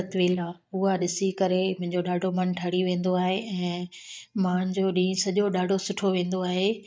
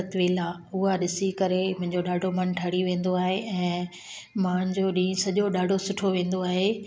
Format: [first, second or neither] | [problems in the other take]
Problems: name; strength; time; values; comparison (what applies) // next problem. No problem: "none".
second | noise reduction (neural mask model DeepFilterNet 3)